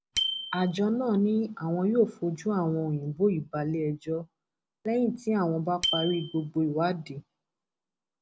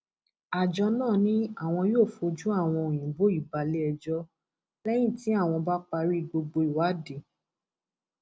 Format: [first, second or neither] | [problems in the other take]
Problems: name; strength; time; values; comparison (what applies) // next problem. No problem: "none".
second | background sound (Bicycle bell); 11 dB below the speech